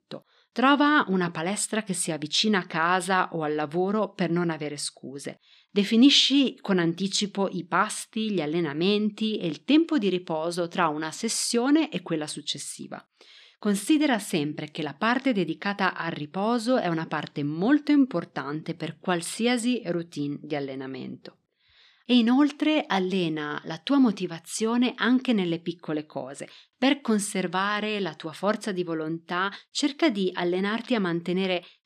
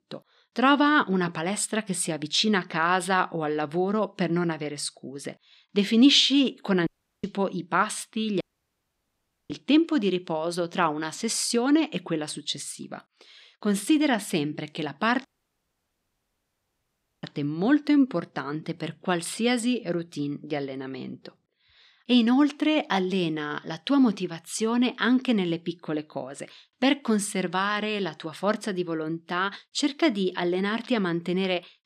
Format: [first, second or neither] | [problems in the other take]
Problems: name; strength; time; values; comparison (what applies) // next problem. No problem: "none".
first | audio cutting out; at 7 s, at 8.5 s for 1 s and at 15 s for 2 s